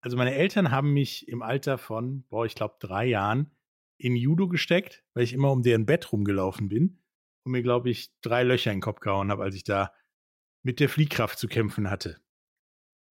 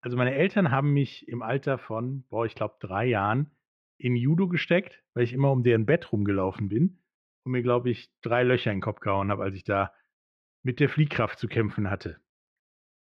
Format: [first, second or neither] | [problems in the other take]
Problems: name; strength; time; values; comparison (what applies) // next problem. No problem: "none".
first | muffled; slightly; fading above 2 kHz